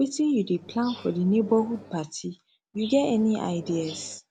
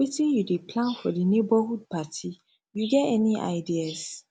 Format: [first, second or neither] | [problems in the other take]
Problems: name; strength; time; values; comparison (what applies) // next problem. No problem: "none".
second | background sound (Microwave oven); 20 dB below the speech